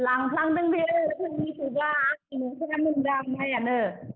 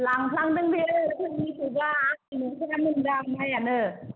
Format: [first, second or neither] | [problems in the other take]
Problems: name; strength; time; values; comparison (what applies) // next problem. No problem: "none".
second | noise reduction (neural mask model Resemble Enhance denoiser)